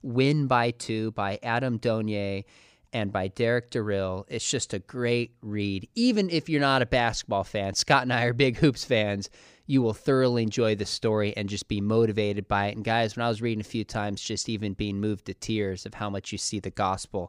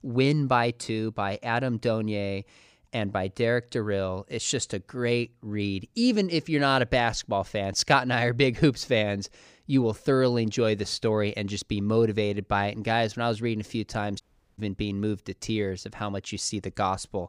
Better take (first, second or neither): first